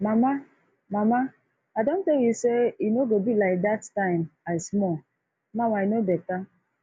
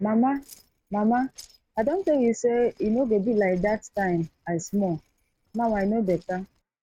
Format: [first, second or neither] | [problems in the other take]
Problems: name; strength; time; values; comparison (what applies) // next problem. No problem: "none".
first | noise reduction (neural mask model RNNoise)